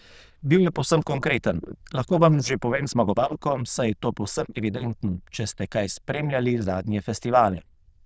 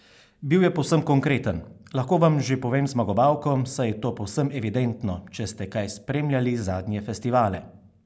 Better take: second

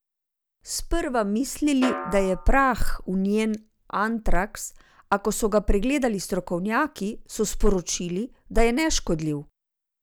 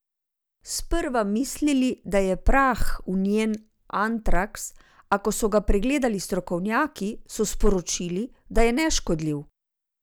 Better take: second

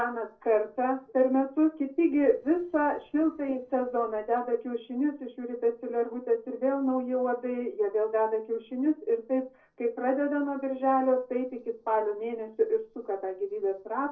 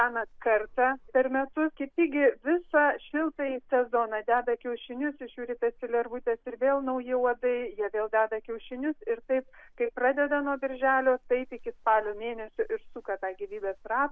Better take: second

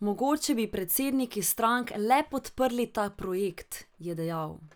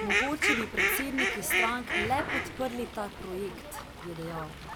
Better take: first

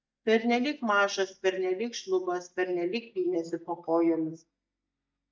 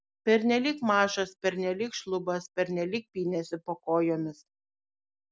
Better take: second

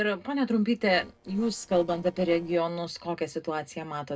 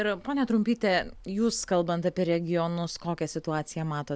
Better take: second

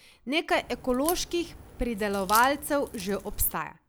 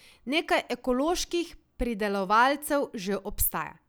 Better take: second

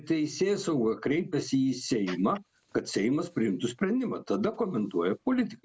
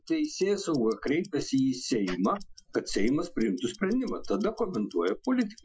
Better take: first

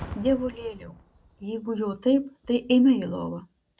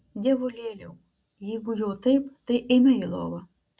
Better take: second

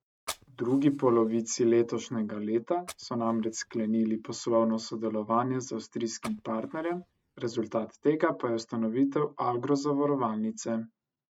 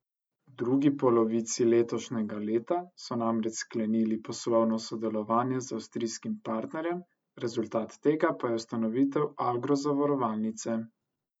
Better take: second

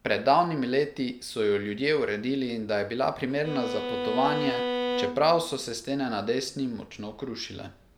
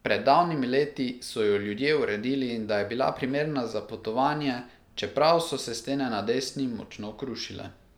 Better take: second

